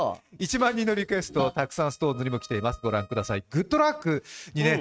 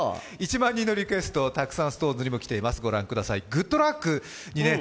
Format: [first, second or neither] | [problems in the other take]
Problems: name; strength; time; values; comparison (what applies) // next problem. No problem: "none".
second | noise reduction (neural mask model RNNoise)